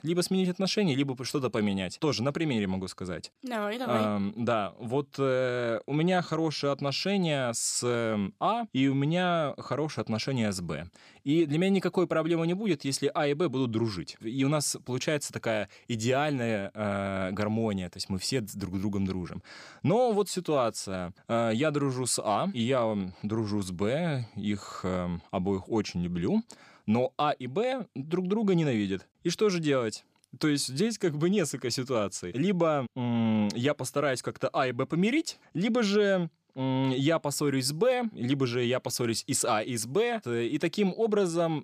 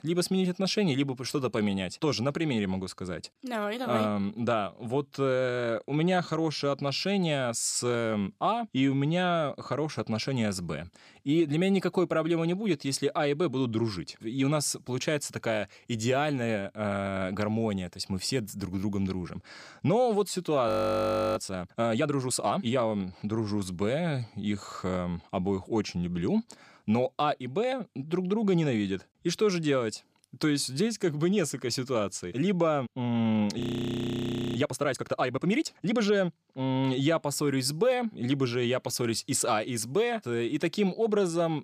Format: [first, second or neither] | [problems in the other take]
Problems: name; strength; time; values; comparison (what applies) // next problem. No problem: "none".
first | audio freezing; at 21 s for 0.5 s and at 34 s for 1 s